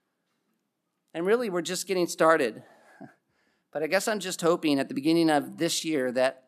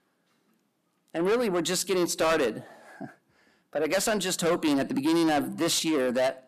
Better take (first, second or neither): first